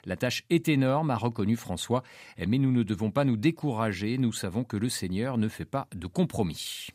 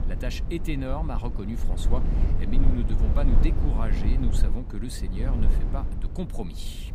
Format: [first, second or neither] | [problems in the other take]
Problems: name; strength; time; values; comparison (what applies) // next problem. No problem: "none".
first | low rumble; loud; throughout; 4 dB below the speech